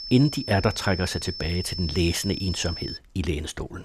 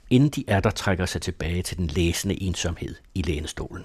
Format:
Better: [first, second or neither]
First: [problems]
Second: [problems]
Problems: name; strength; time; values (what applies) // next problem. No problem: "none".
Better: second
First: high-pitched whine; loud; until 3 s; 5.5 kHz, 7 dB below the speech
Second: none